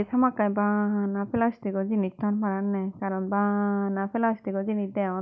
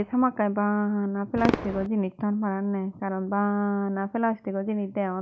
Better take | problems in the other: first | background sound (Fireworks); 12 dB below the speech

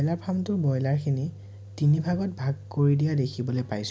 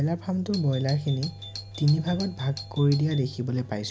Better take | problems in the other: first | background sound (Doorbell); 16 dB below the speech

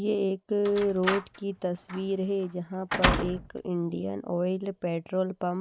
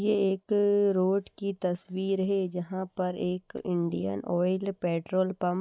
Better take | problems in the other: second | background sound (Slam); 3 dB below the speech

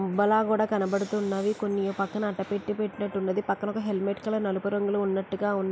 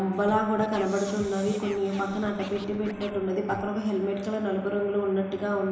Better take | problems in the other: first | background sound (Scratching (performance technique)); 17 dB below the speech // room echo; dies away in 1 s

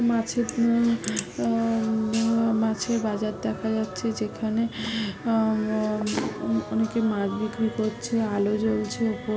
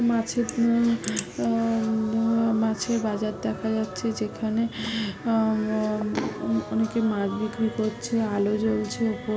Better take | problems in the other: second | background sound (Hi-hat); 17 dB below the speech

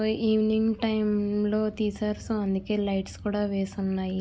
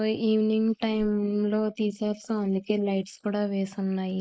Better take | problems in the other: first | noise reduction (neural mask model Resemble Enhance denoiser)

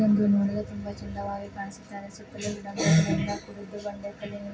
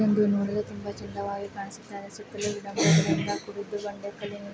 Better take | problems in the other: second | room echo; dies away in 0.4 s

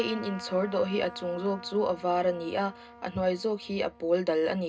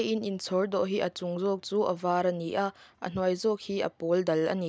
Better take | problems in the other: second | background sound (Trumpet); 17 dB below the speech // room echo; dies away in 0.2 s

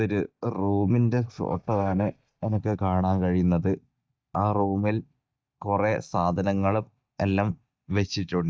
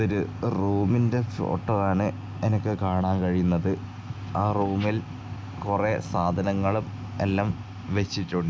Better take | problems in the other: second | noise reduction (neural mask model DeepFilterNet 3)

